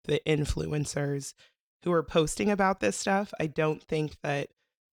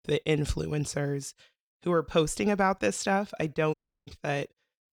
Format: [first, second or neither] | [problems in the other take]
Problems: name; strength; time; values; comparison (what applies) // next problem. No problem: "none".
first | audio cutting out; at 3.5 s